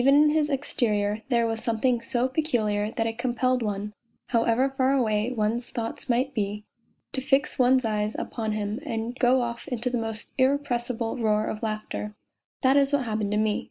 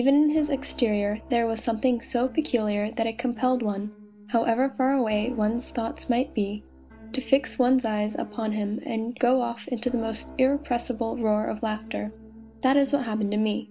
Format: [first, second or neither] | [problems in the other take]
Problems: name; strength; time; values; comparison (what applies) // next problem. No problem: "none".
first | background sound (Piano); 19 dB below the speech